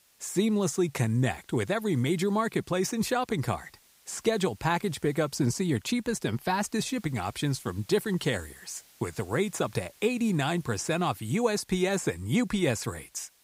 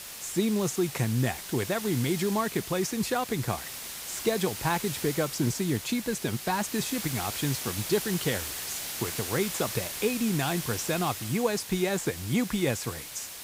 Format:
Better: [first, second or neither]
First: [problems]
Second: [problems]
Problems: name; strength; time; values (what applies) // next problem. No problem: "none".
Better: first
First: hiss; faint; throughout; 30 dB below the speech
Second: hiss; loud; throughout; 6 dB below the speech